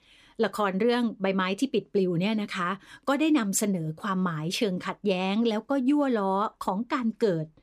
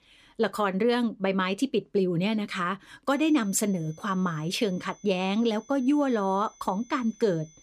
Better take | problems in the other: first | high-pitched whine; faint; from 3 s on; 6 kHz, 25 dB below the speech

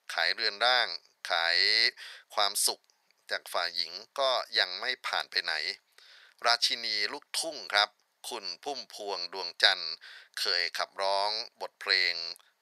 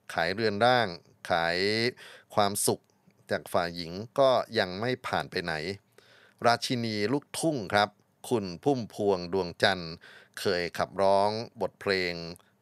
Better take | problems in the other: second | thin; very; fading below 850 Hz

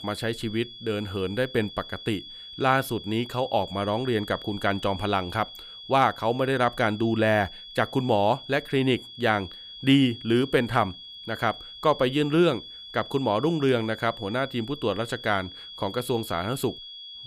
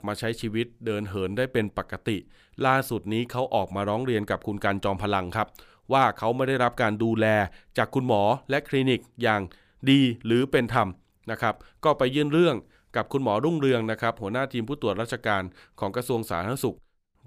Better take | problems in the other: second | high-pitched whine; noticeable; throughout; 3.5 kHz, 15 dB below the speech

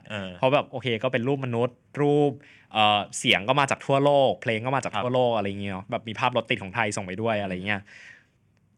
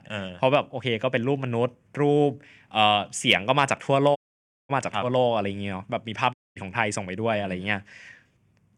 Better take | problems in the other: first | audio cutting out; at 4 s for 0.5 s and at 6.5 s

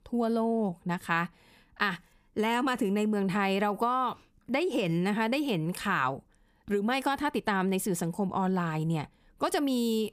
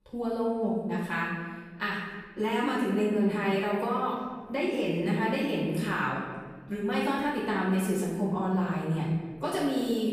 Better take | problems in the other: first | off-mic speech; far // room echo; noticeable; dies away in 1.4 s

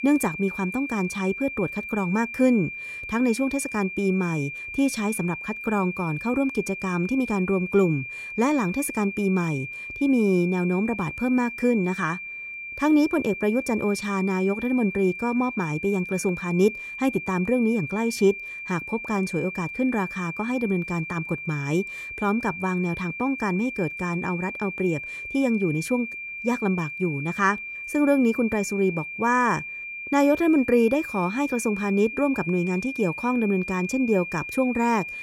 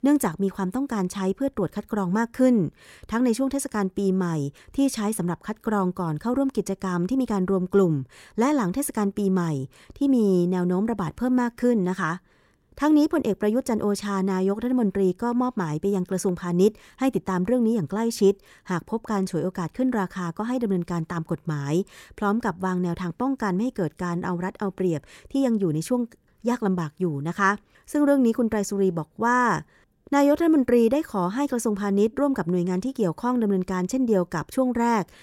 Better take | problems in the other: second | high-pitched whine; loud; throughout; 2.5 kHz, 8 dB below the speech

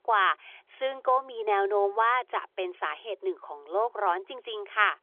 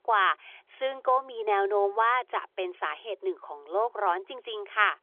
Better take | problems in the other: neither | phone-call audio; nothing above 3.5 kHz; the same in both

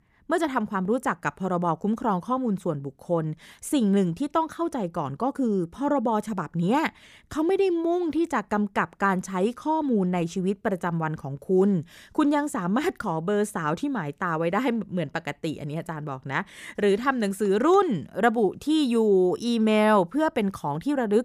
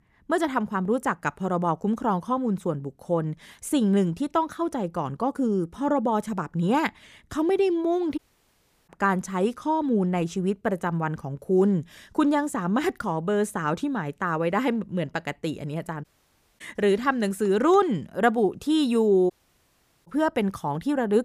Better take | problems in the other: first | audio cutting out; at 8 s for 0.5 s, at 16 s for 0.5 s and at 19 s for 1 s

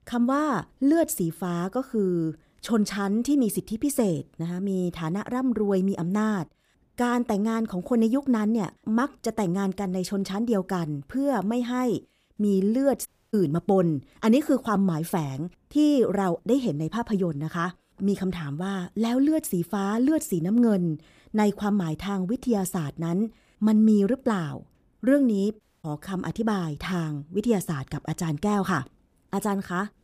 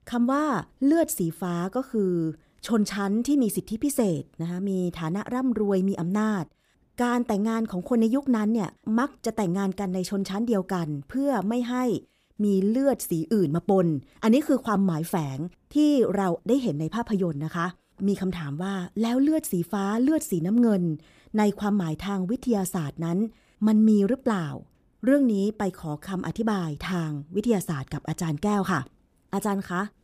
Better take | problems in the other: second | audio cutting out; at 13 s and at 26 s

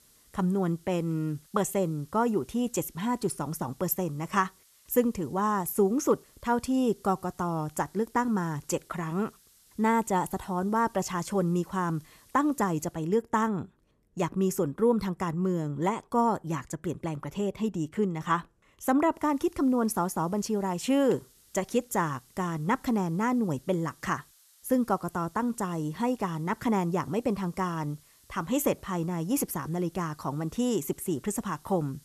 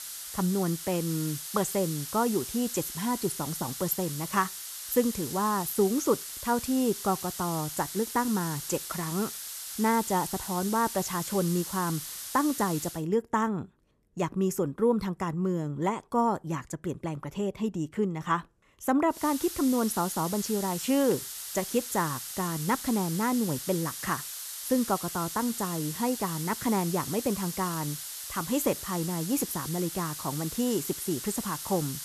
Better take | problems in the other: first | hiss; loud; until 13 s and from 19 s on; 6 dB below the speech; faint in the first

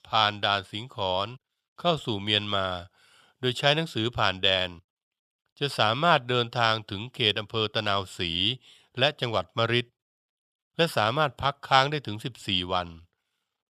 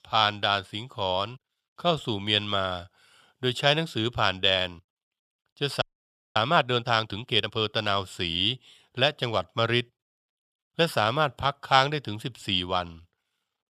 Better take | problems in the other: first | audio freezing; at 6 s for 0.5 s

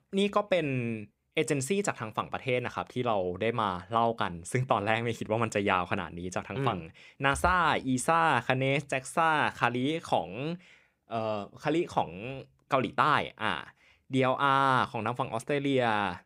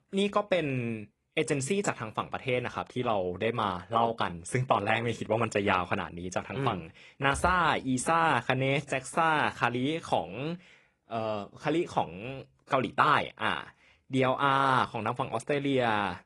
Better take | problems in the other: first | garbled, watery; slightly; nothing above 10.5 kHz

